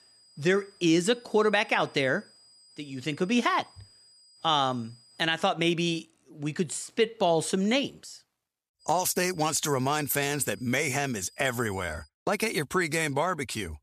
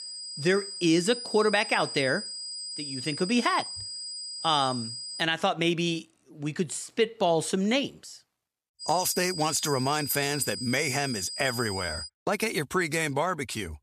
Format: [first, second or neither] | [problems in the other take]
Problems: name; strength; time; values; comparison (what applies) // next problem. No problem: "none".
first | high-pitched whine; loud; until 5 s and from 9 to 12 s; 5 kHz, 8 dB below the speech; faint in the first